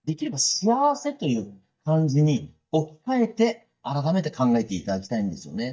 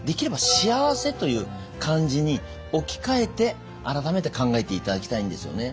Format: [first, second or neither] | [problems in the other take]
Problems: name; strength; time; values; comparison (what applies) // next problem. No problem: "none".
second | noise reduction (neural mask model DeepFilterNet 3)